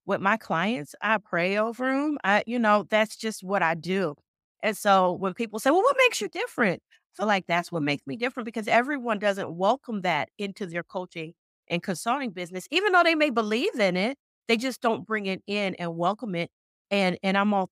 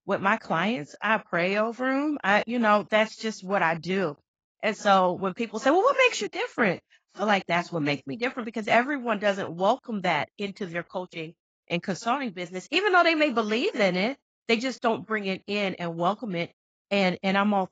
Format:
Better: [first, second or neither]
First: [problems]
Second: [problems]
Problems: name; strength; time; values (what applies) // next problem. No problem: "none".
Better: first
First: none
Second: garbled, watery; badly; nothing above 7.5 kHz